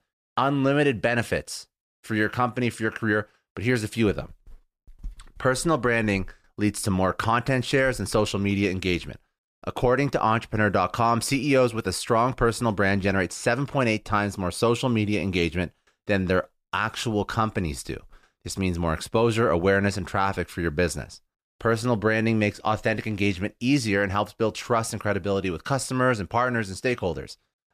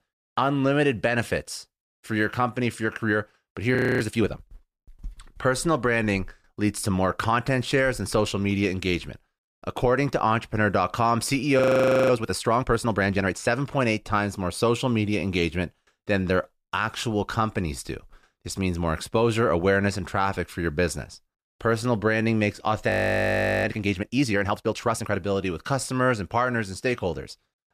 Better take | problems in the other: first | audio freezing; at 4 s, at 12 s and at 23 s for 0.5 s

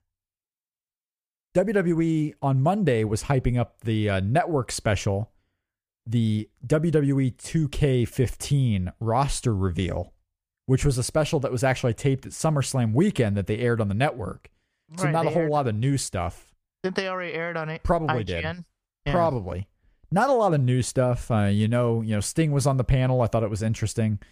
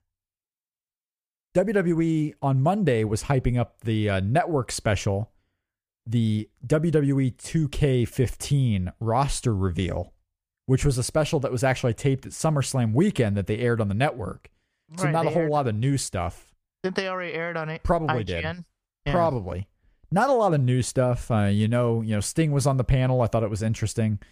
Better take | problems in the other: neither | none

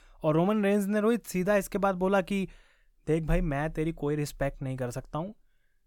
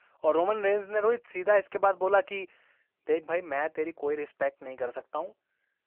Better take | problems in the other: first | phone-call audio; poor line

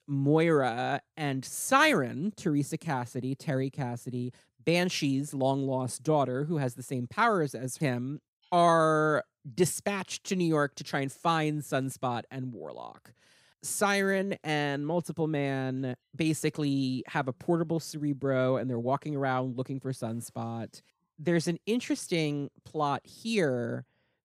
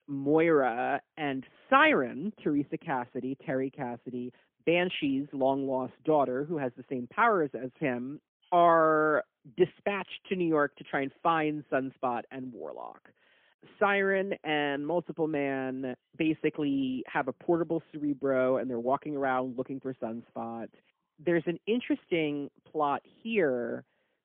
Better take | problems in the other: first | phone-call audio; poor line; nothing above 3.5 kHz

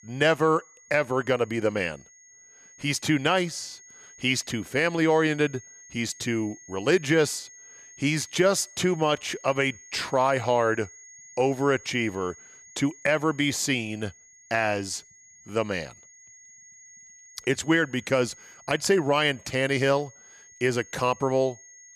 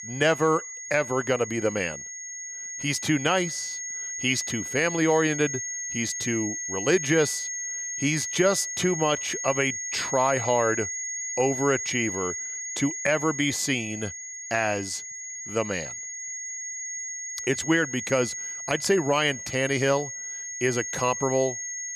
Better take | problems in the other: first | high-pitched whine; loud; throughout; 6.5 kHz, 5 dB below the speech; faint in the first

